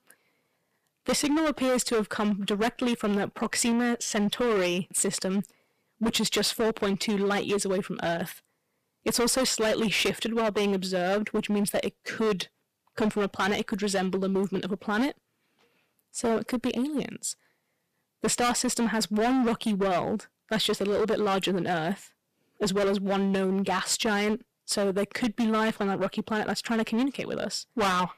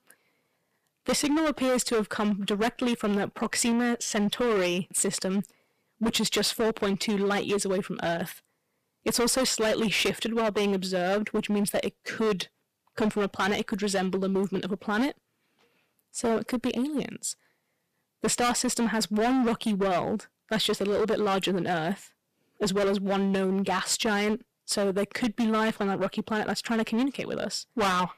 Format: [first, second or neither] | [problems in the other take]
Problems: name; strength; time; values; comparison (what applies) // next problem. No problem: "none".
neither | distortion; heavy; 15% of the sound clipped; the same in both